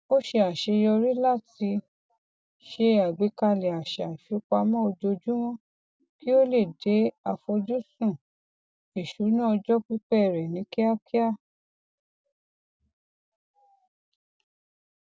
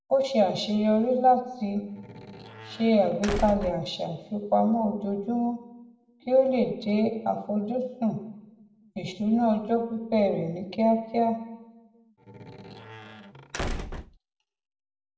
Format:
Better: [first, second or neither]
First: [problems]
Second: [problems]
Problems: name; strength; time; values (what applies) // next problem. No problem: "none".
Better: first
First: none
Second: background sound (Squeak / Slam / Wood); 10 dB below the speech // room echo; dies away in 0.8 s